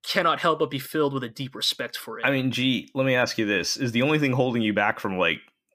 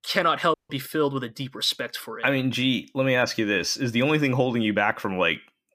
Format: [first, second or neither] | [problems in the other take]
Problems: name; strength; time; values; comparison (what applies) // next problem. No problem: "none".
first | audio cutting out; at 0.5 s